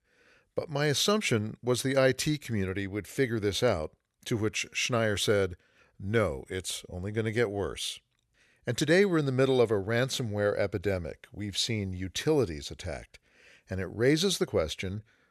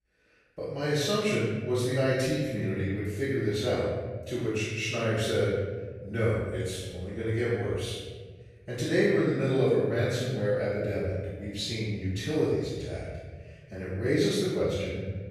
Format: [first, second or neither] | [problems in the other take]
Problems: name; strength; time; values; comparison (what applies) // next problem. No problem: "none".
first | off-mic speech; far // room echo; strong; dies away in 1.8 s